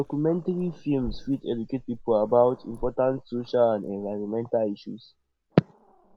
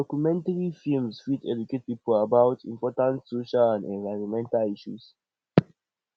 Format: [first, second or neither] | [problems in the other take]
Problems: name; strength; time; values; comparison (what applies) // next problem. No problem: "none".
second | background sound (Growling); 17 dB below the speech